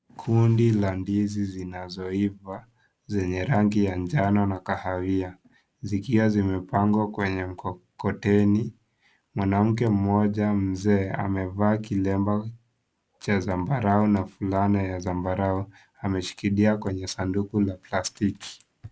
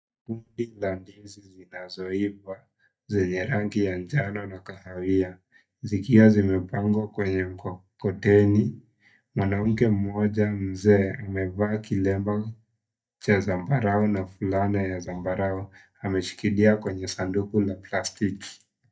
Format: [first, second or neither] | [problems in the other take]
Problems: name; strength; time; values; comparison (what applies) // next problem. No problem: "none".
first | noise reduction (neural mask model DeepFilterNet 3)